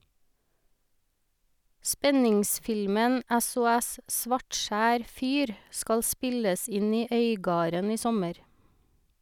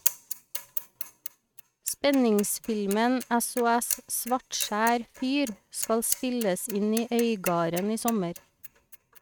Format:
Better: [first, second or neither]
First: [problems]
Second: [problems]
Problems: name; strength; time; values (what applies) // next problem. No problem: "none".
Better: first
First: none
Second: noise reduction (neural mask model RNNoise)